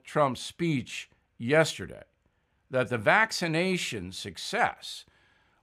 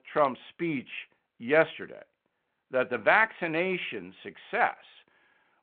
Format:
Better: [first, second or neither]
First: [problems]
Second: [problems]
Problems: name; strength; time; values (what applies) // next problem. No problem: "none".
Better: first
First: none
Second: phone-call audio